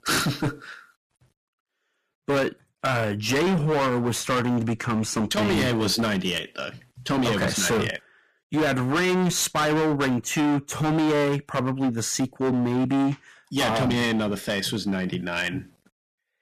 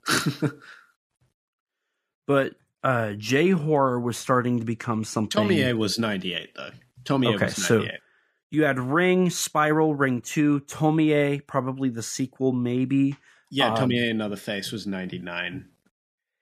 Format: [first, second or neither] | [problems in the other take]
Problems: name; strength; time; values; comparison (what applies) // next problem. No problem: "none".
second | distortion; heavy; 20% of the sound clipped